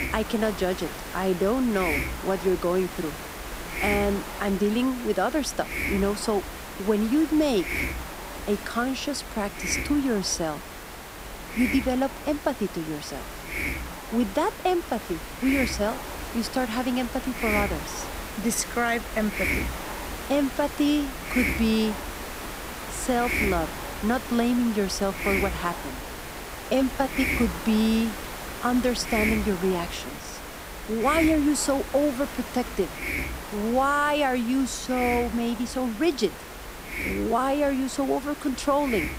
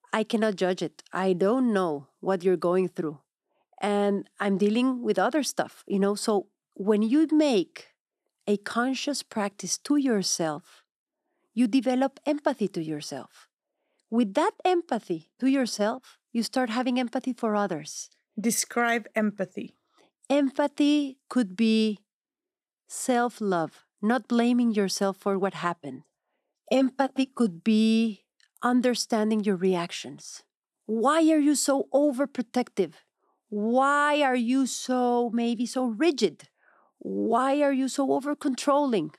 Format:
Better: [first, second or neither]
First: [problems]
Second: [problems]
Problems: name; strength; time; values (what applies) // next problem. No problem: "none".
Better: second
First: hiss; loud; throughout; 6 dB below the speech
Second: none